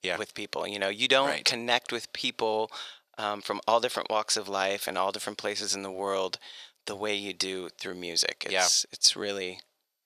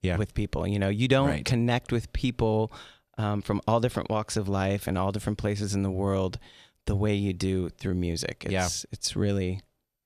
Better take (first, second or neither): second